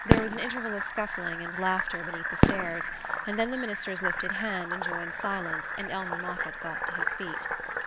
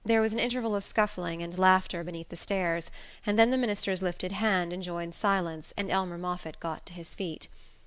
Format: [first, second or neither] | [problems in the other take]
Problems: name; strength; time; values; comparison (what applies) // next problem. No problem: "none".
second | background sound (Fill (with liquid) + Fireworks); 5 dB above the speech